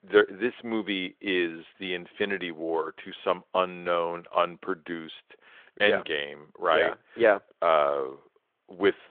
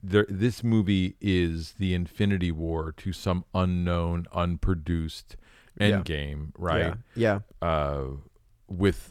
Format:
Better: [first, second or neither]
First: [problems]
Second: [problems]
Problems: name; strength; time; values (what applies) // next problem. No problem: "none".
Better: second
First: phone-call audio; nothing above 3.5 kHz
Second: none